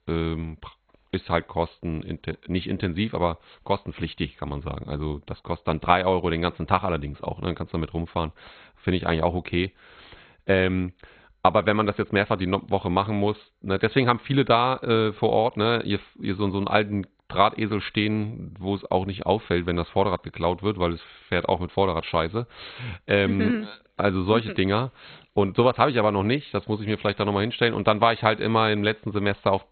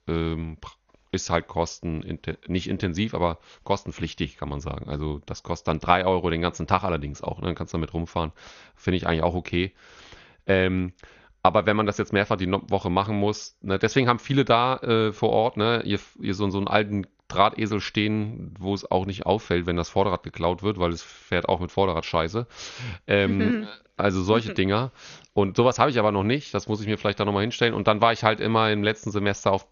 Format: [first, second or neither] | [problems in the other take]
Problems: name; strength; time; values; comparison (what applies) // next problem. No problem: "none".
second | garbled, watery; badly; nothing above 4 kHz; slightly in the second